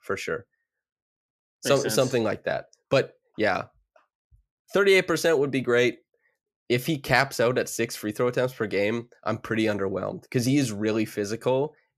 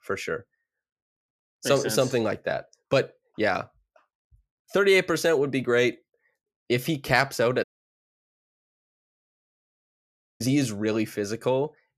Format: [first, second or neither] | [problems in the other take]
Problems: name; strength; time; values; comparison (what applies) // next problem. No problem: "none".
first | audio cutting out; at 7.5 s for 3 s